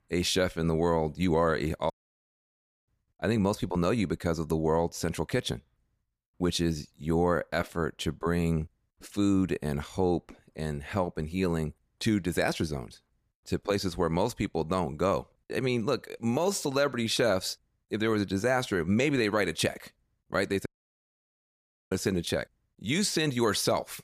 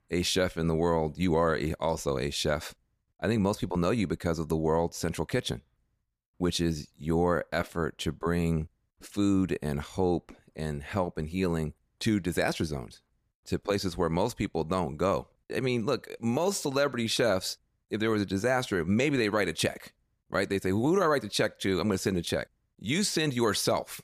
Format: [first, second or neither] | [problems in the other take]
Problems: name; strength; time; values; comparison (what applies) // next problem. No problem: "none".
second | audio cutting out; at 2 s for 1 s and at 21 s for 1.5 s